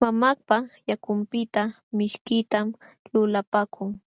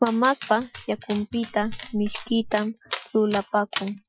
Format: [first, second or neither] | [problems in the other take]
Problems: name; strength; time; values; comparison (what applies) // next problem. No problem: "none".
first | noise reduction (classical method Wiener filter)